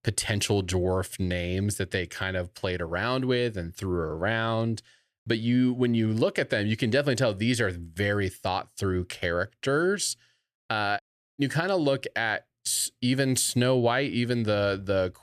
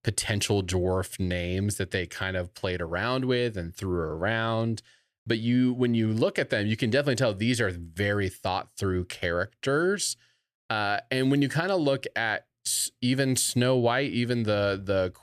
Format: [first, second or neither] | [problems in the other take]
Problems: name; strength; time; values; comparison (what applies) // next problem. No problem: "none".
second | audio cutting out; at 11 s